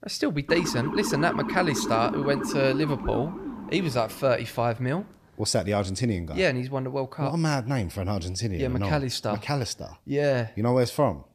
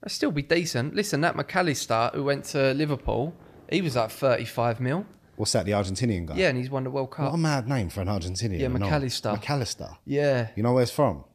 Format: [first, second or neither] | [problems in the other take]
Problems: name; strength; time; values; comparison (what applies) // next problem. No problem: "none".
second | siren; noticeable; until 4.5 s; peak 3 dB below the speech